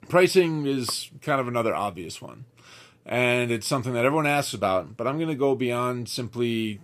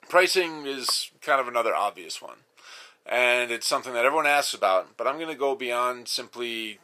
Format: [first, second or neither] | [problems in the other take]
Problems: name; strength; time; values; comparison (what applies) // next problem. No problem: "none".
first | thin; very; fading below 650 Hz